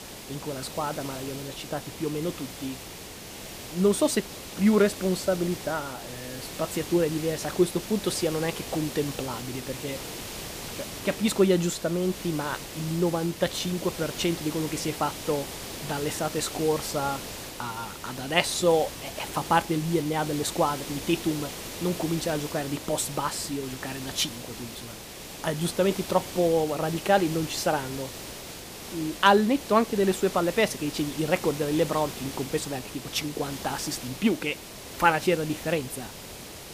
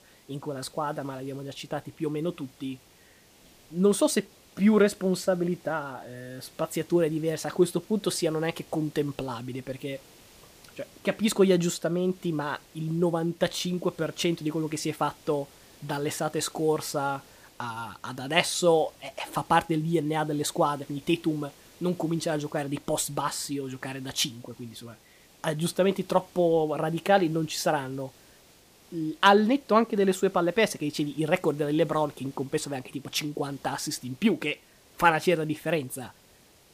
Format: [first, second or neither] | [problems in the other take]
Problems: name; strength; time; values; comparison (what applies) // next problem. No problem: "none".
second | hiss; loud; throughout; 10 dB below the speech; faint in the second